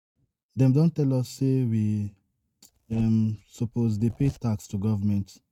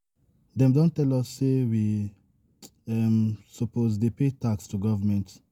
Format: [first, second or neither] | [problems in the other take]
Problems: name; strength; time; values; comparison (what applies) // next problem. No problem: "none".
second | noise reduction (neural mask model RNNoise)